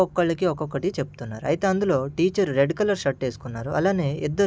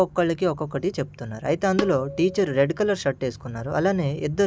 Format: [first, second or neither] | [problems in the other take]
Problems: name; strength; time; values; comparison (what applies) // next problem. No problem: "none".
first | background sound (Tabla); 9 dB below the speech